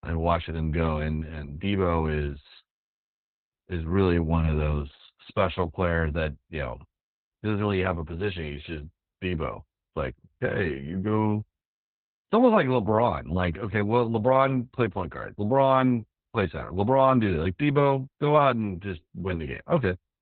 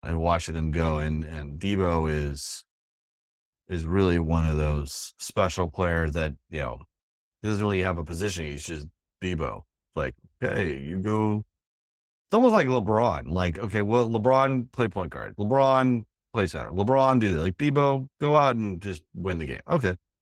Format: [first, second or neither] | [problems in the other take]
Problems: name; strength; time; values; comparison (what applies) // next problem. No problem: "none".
second | garbled, watery; badly; nothing above 4 kHz; slightly in the second